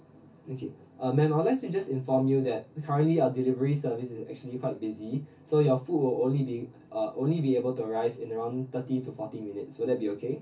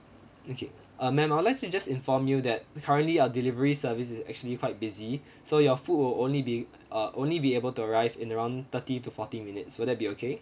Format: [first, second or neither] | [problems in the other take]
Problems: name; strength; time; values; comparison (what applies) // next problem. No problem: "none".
second | room echo; dies away in 0.3 s